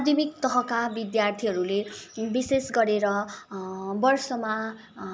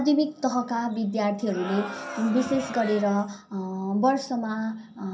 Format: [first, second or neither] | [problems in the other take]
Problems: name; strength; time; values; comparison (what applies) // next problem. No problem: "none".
first | background sound (Crowd); 11 dB below the speech // room echo; dies away in 0.3 s